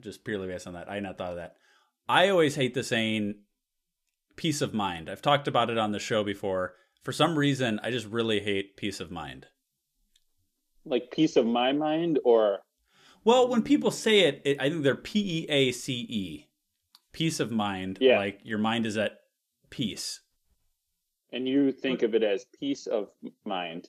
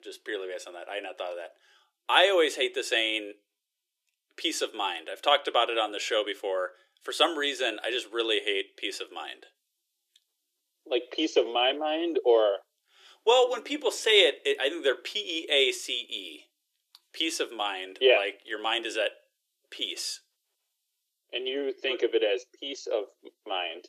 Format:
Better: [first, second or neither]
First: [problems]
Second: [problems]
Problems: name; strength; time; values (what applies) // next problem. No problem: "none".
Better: first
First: none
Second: thin; very; fading below 350 Hz